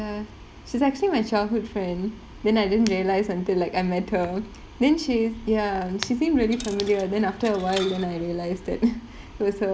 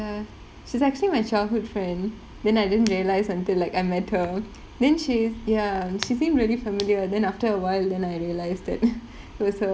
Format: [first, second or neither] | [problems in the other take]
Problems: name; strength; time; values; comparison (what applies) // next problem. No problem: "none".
second | background sound (Coin (dropping)); 15 dB below the speech